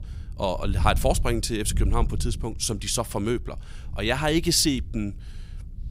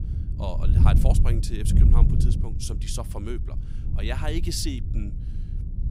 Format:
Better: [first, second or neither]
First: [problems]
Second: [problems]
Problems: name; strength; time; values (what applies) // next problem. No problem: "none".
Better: first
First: wind noise on the microphone; occasional gusts; 25 dB below the speech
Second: wind noise on the microphone; heavy; 5 dB below the speech